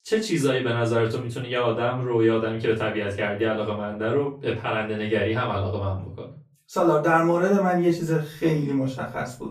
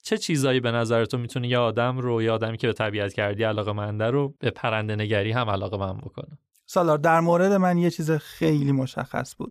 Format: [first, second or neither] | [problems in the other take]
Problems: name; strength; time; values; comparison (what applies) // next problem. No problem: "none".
second | off-mic speech; far // room echo; slight; dies away in 0.3 s